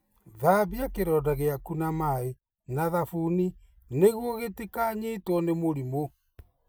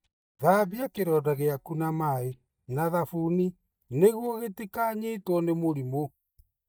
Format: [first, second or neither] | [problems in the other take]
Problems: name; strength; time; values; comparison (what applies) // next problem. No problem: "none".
first | noise reduction (neural mask model DeepFilterNet 3)